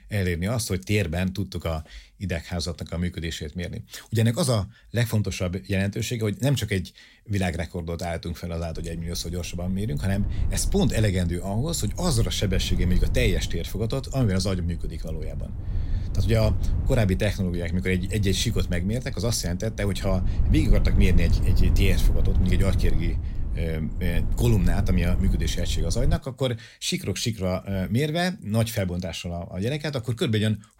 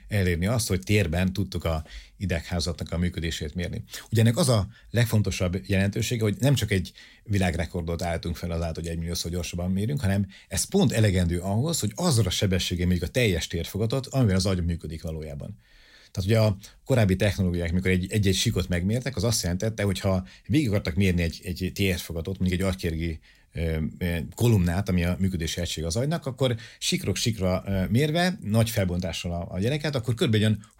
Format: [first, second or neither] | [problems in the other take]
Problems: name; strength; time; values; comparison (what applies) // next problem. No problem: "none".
second | wind noise on the microphone; occasional gusts; from 8.5 to 26 s; 15 dB below the speech